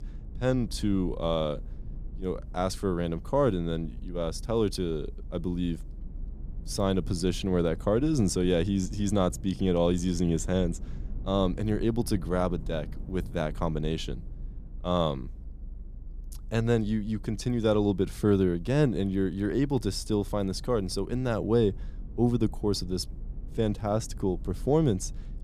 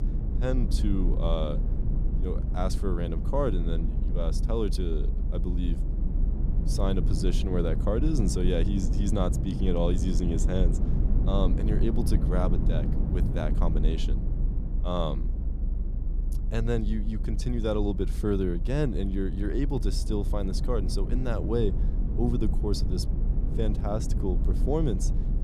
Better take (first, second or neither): first